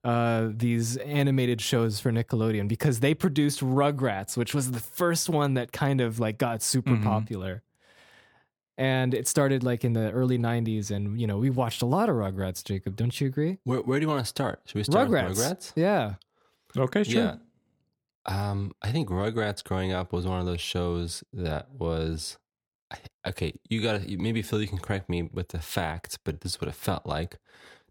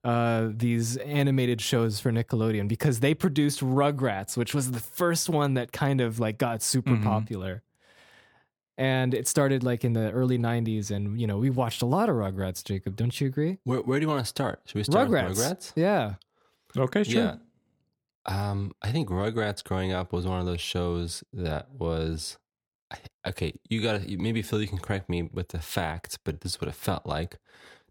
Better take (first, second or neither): neither